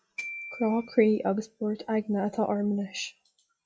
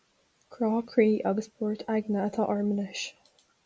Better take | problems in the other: second | noise reduction (classical method log-MMSE)

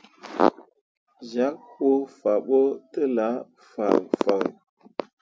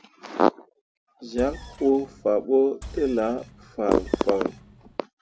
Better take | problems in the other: first | background sound (Engine); 17 dB below the speech

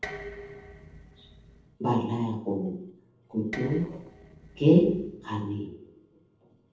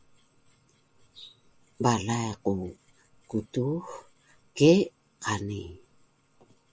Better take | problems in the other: second | noise reduction (neural separator model SepFormer DNS4)

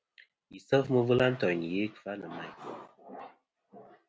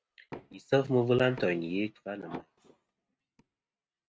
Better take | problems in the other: first | noise reduction (neural mask model RNNoise)

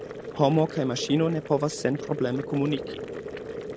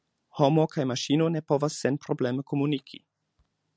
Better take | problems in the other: second | background sound (Boiling); 9 dB below the speech

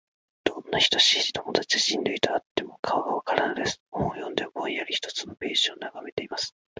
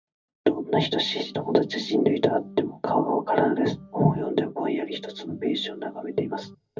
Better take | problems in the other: first | background sound (Organ); 20 dB below the speech // room echo; dies away in 0.4 s

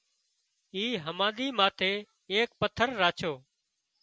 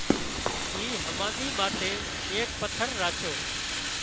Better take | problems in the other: first | background sound (Run + Fire); 3 dB above the speech

